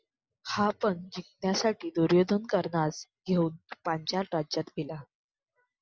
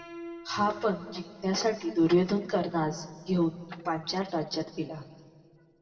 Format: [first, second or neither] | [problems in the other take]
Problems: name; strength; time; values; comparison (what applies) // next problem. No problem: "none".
first | background sound (Piano); 20 dB below the speech // room echo; dies away in 1.6 s